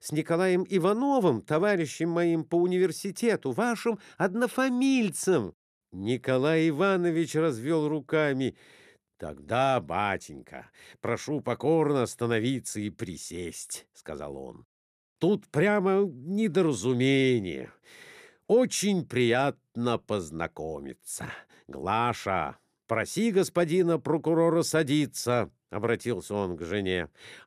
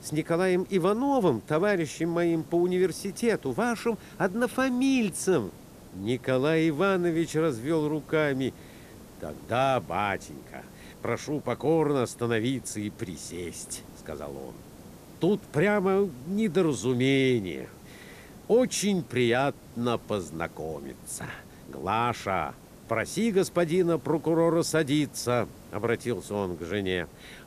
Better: first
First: none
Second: hiss; faint; throughout; 20 dB below the speech

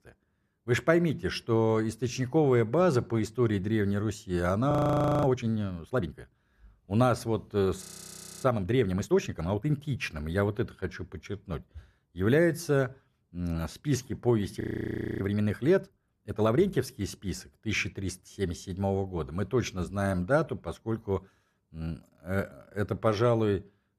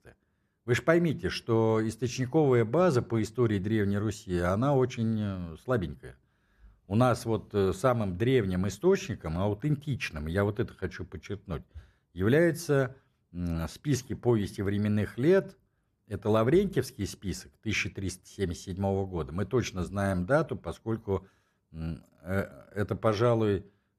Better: second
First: audio freezing; at 4.5 s for 0.5 s, at 8 s for 0.5 s and at 15 s for 0.5 s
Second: none

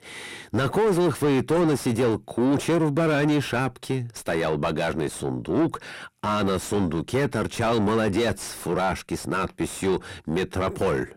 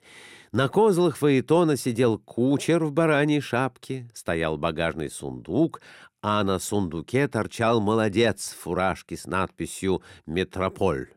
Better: second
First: distortion; heavy; 7 dB below the speech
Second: none

